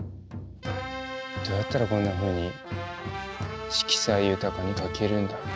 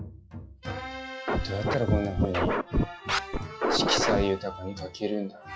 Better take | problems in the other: first | noise reduction (classical method WPE with log-MMSE)

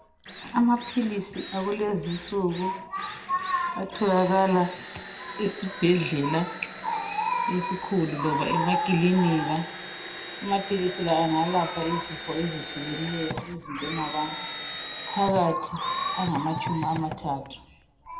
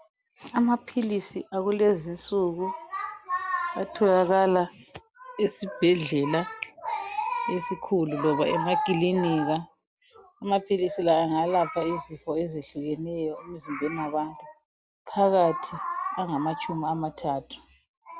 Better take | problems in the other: second | background sound (Drill); 11 dB below the speech // room echo; dies away in 0.5 s

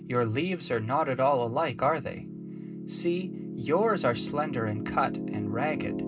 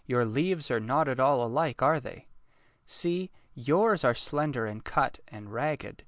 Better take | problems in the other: second | background sound (Piano); 7 dB below the speech // room echo; dies away in 0.2 s

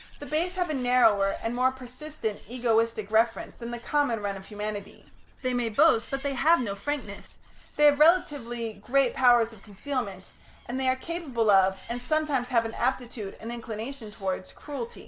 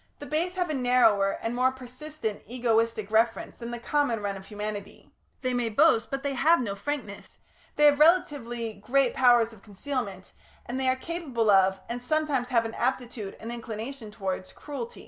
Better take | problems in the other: second | background sound (Animal); 19 dB below the speech

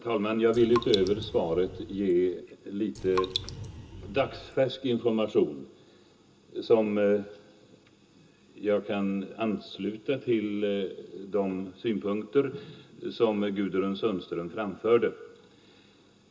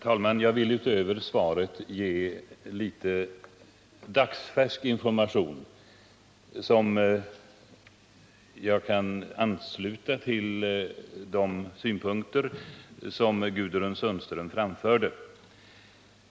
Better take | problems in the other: second | background sound (Raindrop); 10 dB below the speech // room echo; dies away in 0.2 s

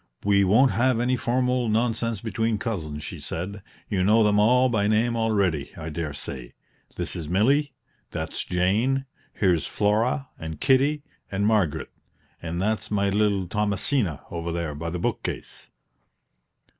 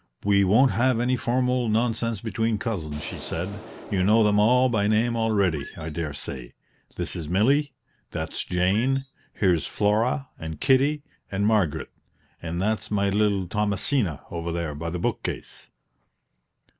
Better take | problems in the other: first | background sound (Explosion + Squeak); 18 dB below the speech

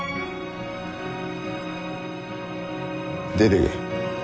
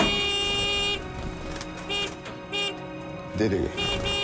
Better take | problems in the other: first | background sound (Vehicle horn, car horn, honking + Bird); 4 dB above the speech

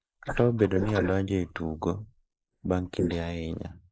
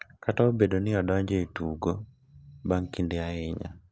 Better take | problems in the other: second | noise reduction (neural mask model Resemble Enhance denoiser)

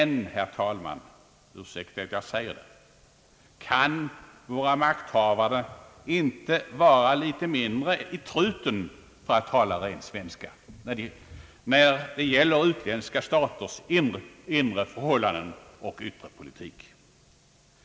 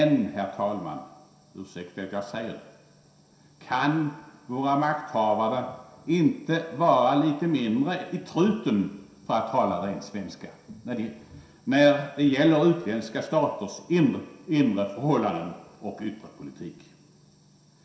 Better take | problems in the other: first | room echo; dies away in 0.7 s

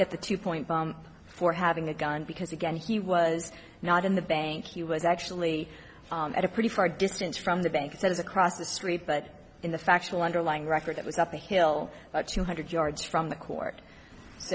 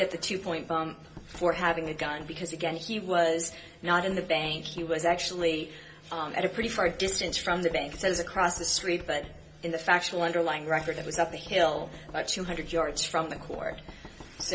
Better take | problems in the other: first | background sound (Knock); 19 dB below the speech // room echo; dies away in 0.2 s

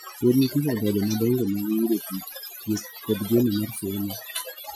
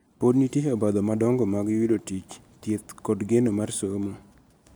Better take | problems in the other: second | noise reduction (classical method Wiener filter)

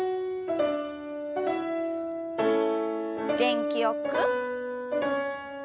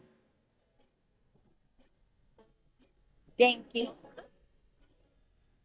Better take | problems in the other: first | noise reduction (neural mask model DeepFilterNet 3)

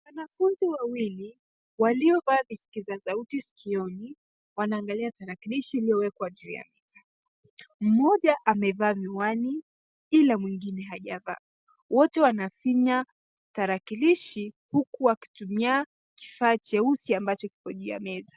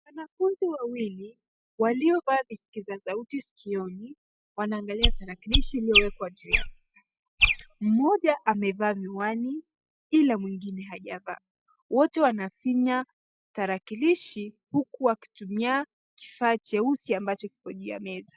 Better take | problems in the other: first | noise reduction (classical method log-MMSE)

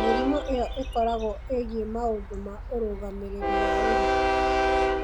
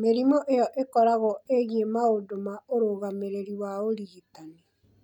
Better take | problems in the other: second | background sound (Train); 3 dB above the speech

